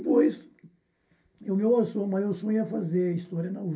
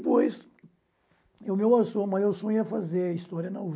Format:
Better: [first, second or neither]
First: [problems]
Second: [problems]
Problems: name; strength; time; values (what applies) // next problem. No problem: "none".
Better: second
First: room echo; dies away in 0.1 s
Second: none